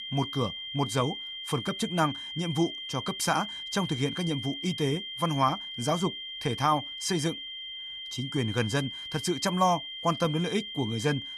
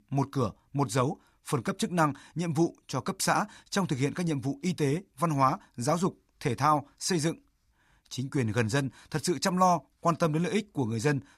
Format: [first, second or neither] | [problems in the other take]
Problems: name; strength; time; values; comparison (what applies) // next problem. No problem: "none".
second | high-pitched whine; loud; throughout; 3 kHz, 6 dB below the speech